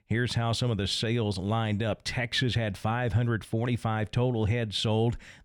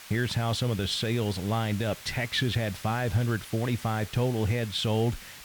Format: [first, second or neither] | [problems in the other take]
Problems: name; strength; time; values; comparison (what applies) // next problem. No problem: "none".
first | hiss; noticeable; throughout; 15 dB below the speech